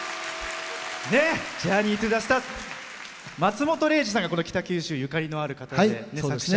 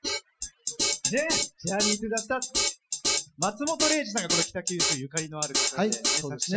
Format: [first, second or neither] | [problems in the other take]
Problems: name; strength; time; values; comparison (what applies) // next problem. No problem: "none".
first | noise reduction (classical method Wiener filter)